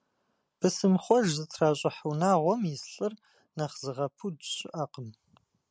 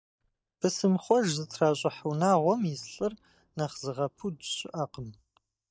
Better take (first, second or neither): first